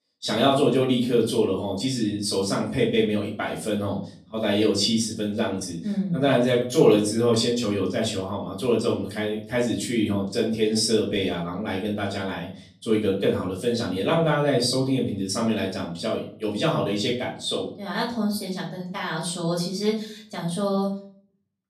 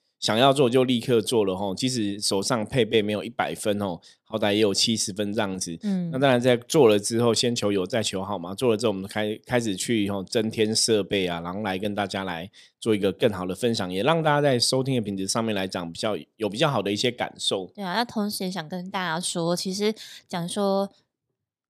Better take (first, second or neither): second